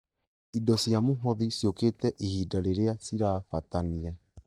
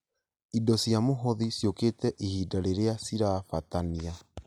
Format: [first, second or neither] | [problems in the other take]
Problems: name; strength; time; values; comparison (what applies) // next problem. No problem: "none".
second | noise reduction (neural mask model DeepFilterNet 3)